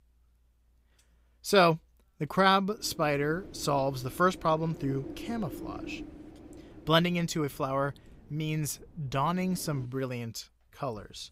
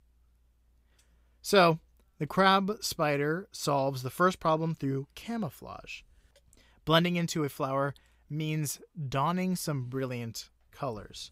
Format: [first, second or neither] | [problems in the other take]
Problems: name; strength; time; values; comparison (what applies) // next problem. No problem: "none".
second | wind noise on the microphone; occasional gusts; from 3 to 10 s; 20 dB below the speech